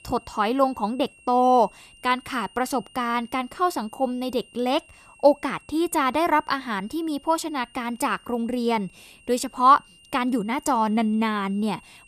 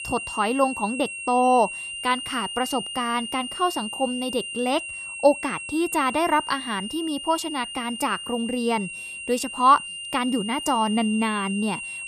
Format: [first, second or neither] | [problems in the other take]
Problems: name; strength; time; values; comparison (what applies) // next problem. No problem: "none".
first | high-pitched whine; loud; throughout; 3 kHz, 7 dB below the speech; faint in the first